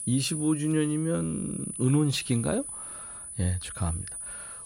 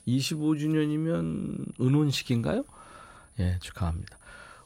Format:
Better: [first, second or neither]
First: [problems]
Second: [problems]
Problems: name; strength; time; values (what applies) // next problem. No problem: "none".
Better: second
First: high-pitched whine; loud; throughout; 10 kHz, 8 dB below the speech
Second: high-pitched whine; faint; throughout; 10 kHz, 30 dB below the speech